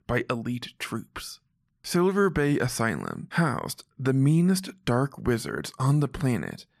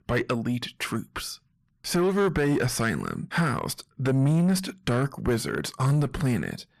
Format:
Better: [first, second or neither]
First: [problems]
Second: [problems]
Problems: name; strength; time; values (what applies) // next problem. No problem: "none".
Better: first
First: none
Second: distortion; slight; 9 dB below the speech